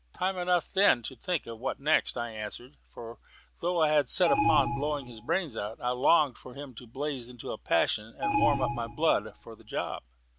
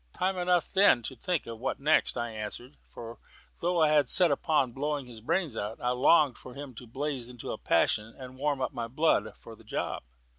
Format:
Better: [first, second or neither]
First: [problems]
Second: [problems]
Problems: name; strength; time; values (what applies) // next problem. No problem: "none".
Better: second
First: background sound (Alarm); 2 dB below the speech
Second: none